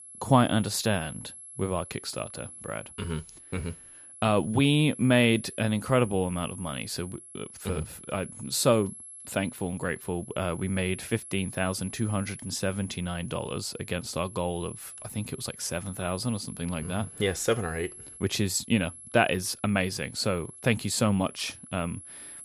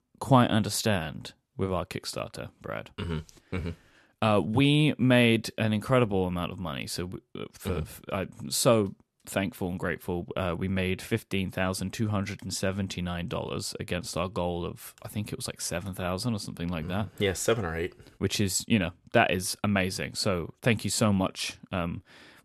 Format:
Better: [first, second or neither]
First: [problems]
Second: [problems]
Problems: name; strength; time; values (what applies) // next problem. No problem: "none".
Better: second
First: high-pitched whine; noticeable; throughout; 11 kHz, 15 dB below the speech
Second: none